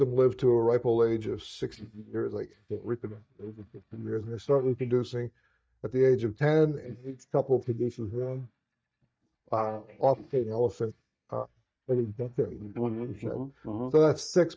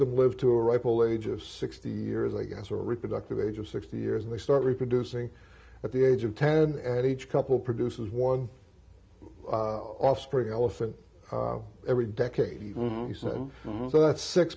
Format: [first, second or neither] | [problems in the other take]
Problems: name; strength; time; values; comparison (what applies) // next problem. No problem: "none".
second | noise reduction (neural mask model DeepFilterNet 3)